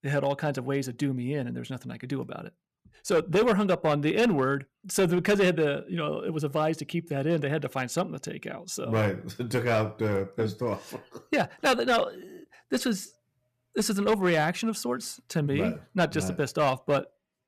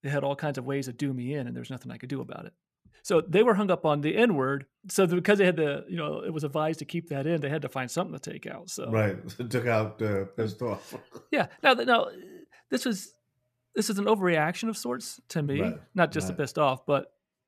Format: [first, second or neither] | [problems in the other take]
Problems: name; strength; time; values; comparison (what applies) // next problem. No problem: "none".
second | distortion; slight; 4% of the sound clipped